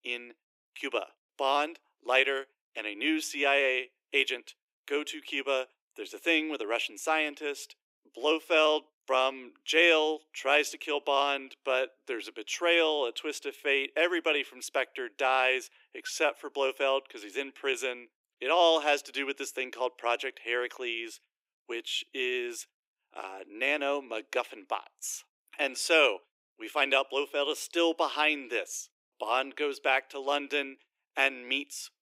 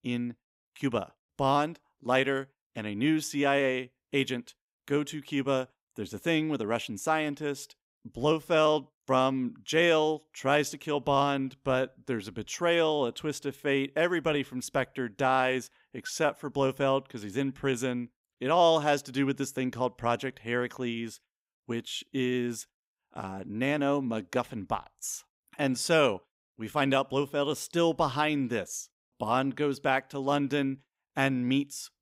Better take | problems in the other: second | thin; somewhat; fading below 300 Hz

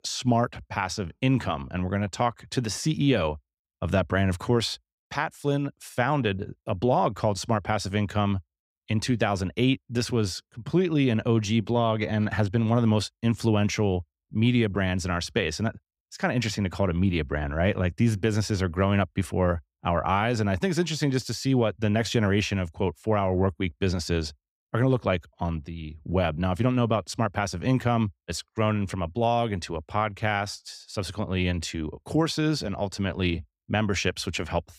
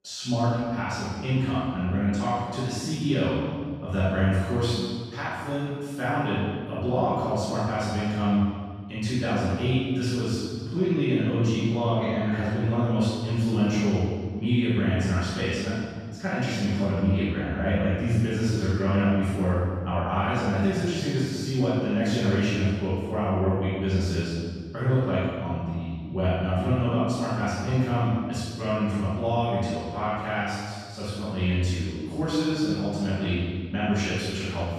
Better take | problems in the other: first | off-mic speech; far // room echo; strong; dies away in 1.6 s

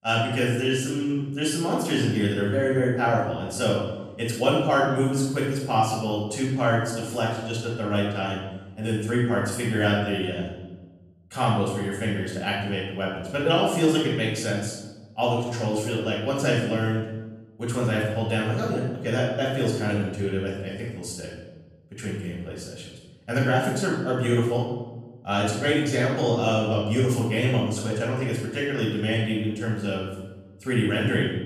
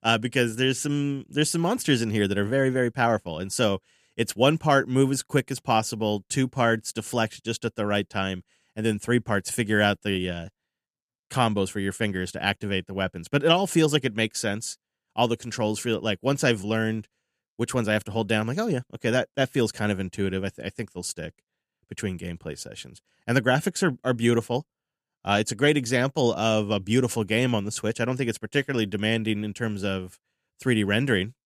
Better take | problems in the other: second | room echo; noticeable; dies away in 1 s // off-mic speech; far

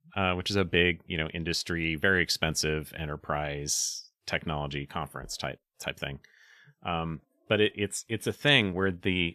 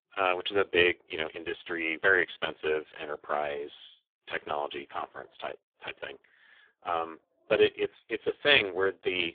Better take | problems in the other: first | phone-call audio; poor line; nothing above 3.5 kHz

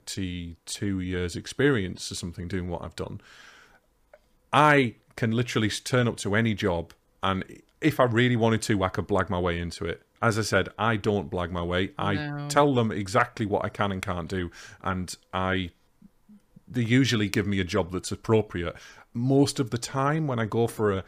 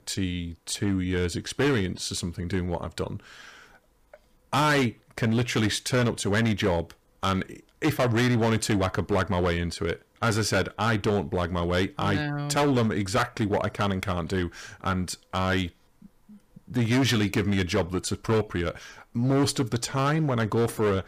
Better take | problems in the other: first | distortion; heavy; 10% of the sound clipped

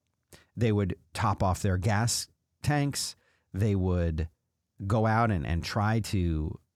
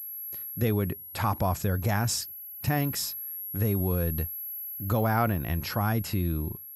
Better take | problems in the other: first | high-pitched whine; loud; throughout; 11.5 kHz, 8 dB below the speech

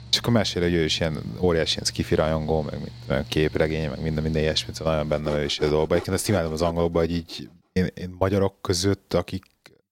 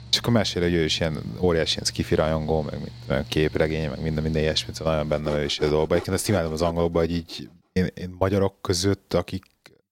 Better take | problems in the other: neither | machinery noise; noticeable; until 7 s; 15 dB below the speech; the same in both

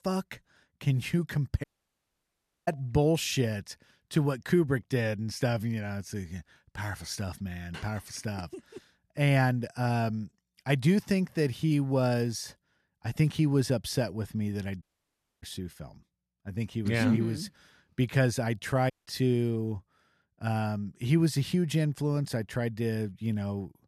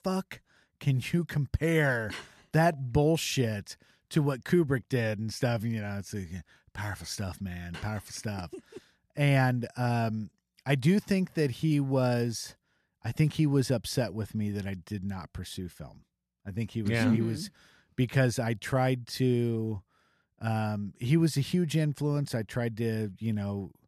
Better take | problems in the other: second | audio cutting out; at 1.5 s for 1 s, at 15 s for 0.5 s and at 19 s

